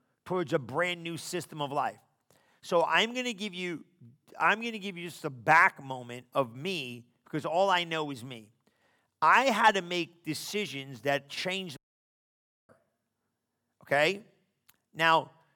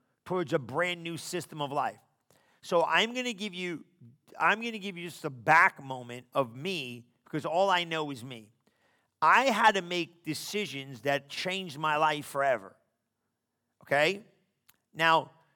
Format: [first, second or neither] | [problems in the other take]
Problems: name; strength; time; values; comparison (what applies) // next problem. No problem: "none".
second | audio cutting out; at 12 s for 1 s